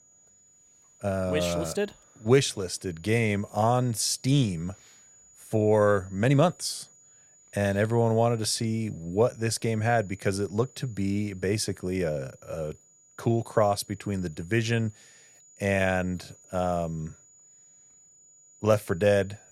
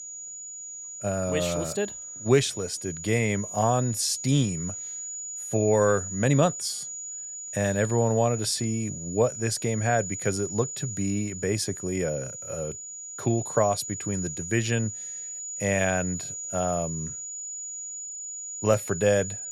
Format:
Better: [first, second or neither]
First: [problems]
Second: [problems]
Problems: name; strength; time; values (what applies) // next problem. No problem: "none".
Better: first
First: high-pitched whine; faint; throughout; 7 kHz, 25 dB below the speech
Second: high-pitched whine; loud; throughout; 7 kHz, 7 dB below the speech